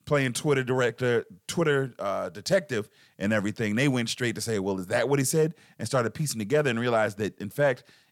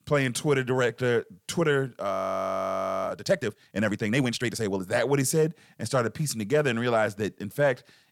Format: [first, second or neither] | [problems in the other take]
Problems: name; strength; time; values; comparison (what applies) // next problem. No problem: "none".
first | audio freezing; at 2 s for 1 s